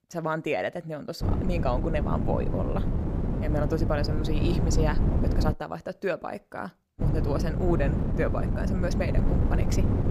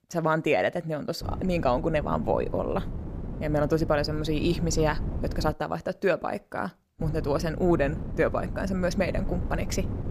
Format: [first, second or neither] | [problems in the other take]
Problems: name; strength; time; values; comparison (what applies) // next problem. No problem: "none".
second | wind noise on the microphone; heavy; from 1 to 5.5 s and from 7 s on; 5 dB below the speech; occasional gusts in the second